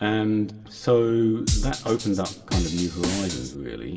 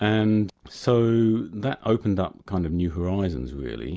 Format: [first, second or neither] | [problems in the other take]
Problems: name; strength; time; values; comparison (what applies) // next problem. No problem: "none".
second | background sound (Drum kit); 4 dB below the speech // room echo; dies away in 0.6 s